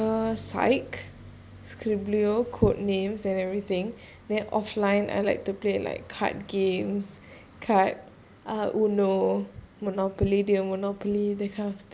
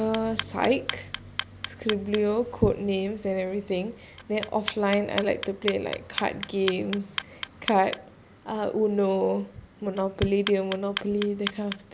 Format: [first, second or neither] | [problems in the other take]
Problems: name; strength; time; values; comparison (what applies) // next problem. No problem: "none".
first | background sound (Clock); 11 dB below the speech